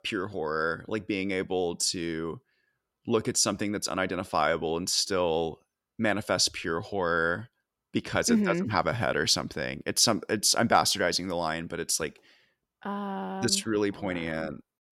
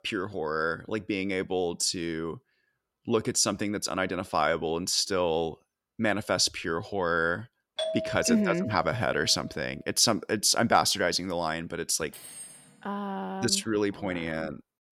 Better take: first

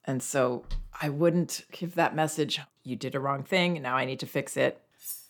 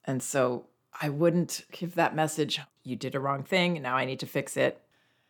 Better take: second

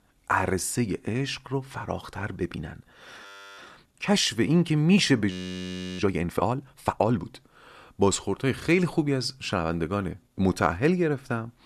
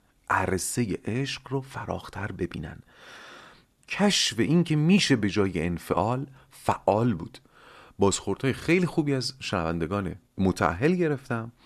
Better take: second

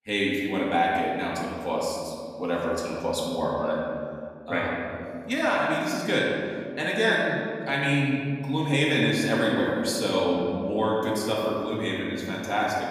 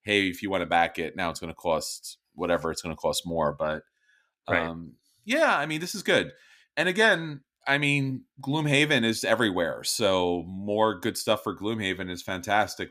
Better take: second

